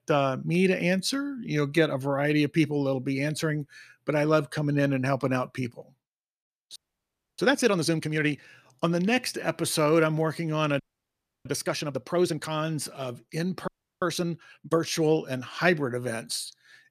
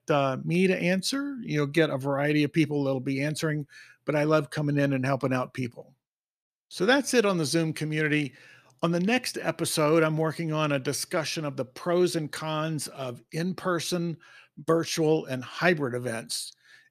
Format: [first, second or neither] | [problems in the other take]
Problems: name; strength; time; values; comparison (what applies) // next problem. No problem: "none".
second | audio freezing; at 7 s for 0.5 s, at 11 s for 0.5 s and at 14 s